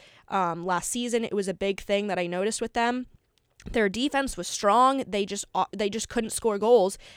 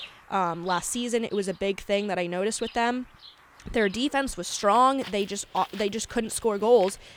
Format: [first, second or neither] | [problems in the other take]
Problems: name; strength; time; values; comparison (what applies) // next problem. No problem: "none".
first | animal sounds; noticeable; throughout; 20 dB below the speech